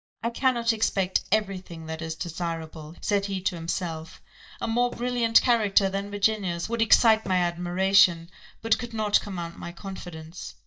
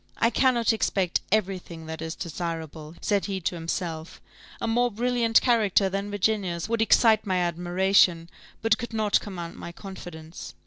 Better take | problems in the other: second | noise reduction (neural mask model DeepFilterNet 3)

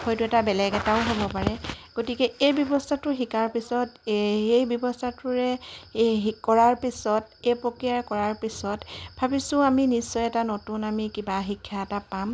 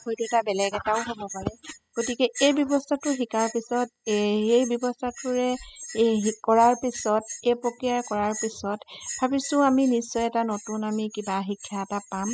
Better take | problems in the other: first | noise reduction (classical method spectral subtraction)

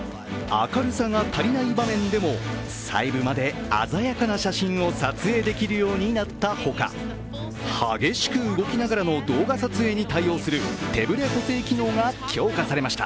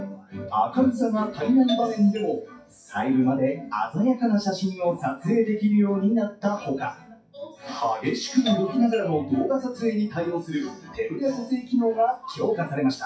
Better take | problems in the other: first | noise reduction (classical method WPE with log-MMSE)

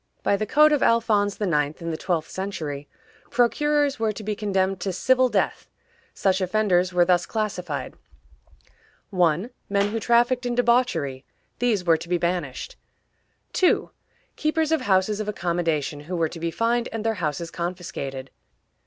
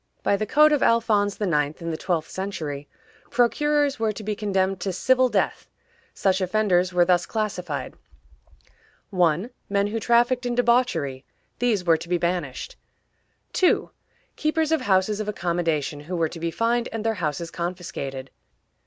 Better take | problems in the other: second | background sound (Clapping); 16 dB below the speech

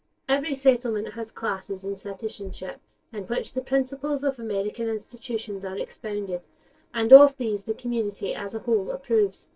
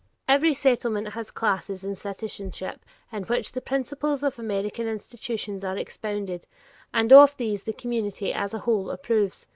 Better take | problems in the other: second | noise reduction (neural separator model SepFormer DNS4)

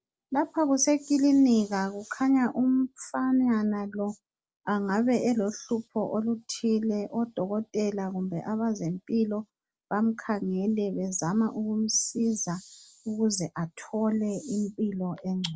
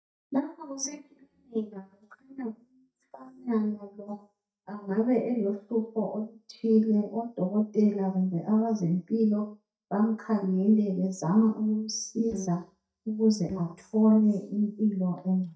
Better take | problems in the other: first | noise reduction (neural mask model DeepFilterNet 3)

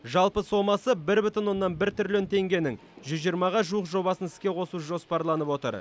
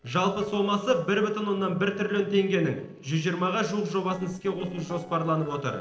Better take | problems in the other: first | noise reduction (neural separator model SepFormer DNS4)

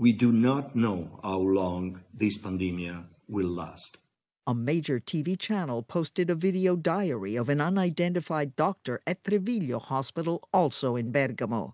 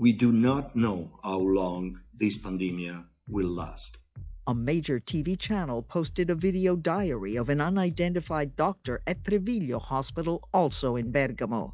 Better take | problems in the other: first | noise reduction (classical method log-MMSE)

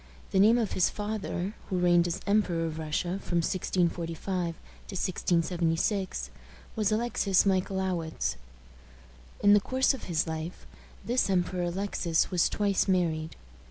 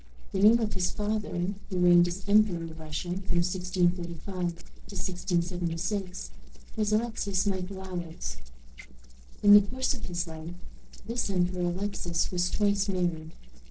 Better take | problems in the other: first | noise reduction (neural separator model SepFormer DNS4)

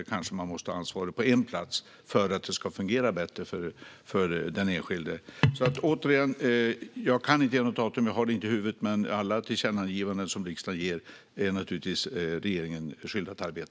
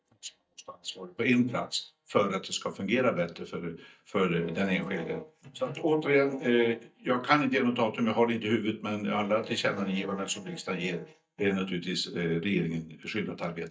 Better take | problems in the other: first | noise reduction (neural mask model DeepFilterNet 3)

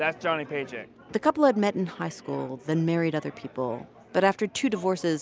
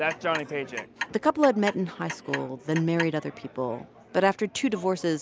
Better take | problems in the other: first | background sound (Clock); 11 dB below the speech

